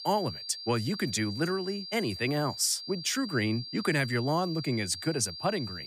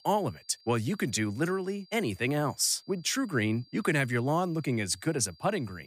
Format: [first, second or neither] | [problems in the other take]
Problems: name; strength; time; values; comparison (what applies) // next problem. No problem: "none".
second | high-pitched whine; loud; throughout; 4.5 kHz, 9 dB below the speech; faint in the second